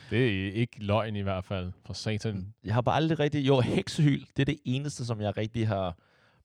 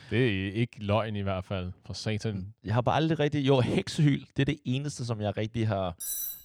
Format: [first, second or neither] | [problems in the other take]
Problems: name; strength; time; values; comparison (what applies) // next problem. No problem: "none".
first | clattering dishes; noticeable; at 6 s; peak 3 dB below the speech